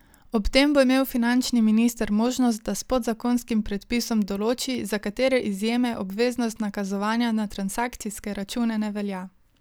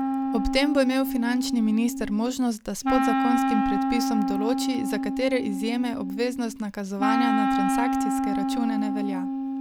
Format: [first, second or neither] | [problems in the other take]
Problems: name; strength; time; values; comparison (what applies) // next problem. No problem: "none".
first | background sound (Wind instrument, woodwind instrument); 1 dB above the speech